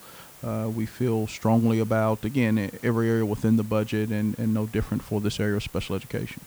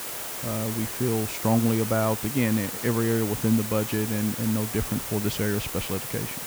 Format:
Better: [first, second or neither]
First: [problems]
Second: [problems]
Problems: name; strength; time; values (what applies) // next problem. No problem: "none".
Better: first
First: hiss; faint; throughout; 20 dB below the speech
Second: hiss; loud; throughout; 5 dB below the speech